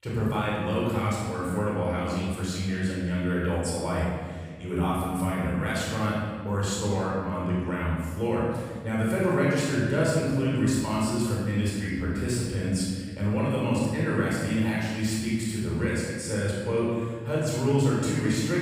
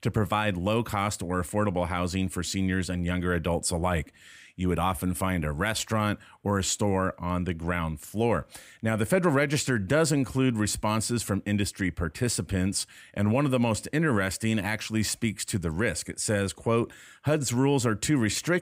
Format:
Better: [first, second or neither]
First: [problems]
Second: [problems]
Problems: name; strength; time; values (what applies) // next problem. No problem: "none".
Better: second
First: off-mic speech; far // room echo; strong; dies away in 1.7 s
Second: none